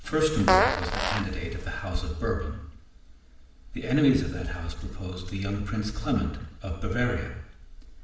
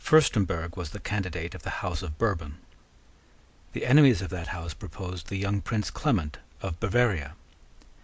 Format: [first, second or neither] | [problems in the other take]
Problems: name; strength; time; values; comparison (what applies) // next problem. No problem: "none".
second | background sound (Fart); 2 dB above the speech // room echo; dies away in 0.8 s